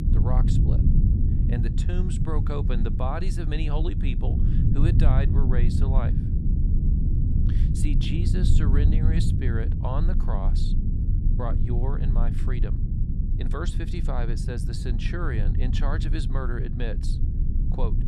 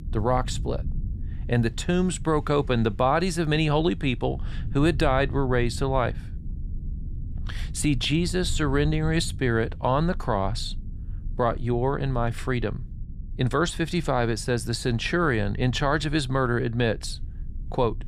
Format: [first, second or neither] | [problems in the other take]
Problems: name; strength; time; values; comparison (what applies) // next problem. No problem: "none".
second | low rumble; loud; throughout; 2 dB below the speech; faint in the second